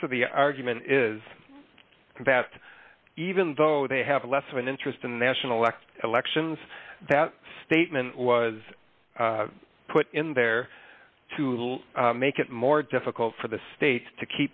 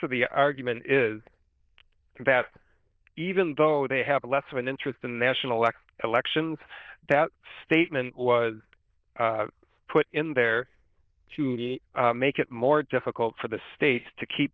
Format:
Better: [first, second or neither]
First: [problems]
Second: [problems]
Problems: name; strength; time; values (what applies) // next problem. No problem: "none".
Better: first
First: none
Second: noise reduction (neural diffusion model UNIVERSE++)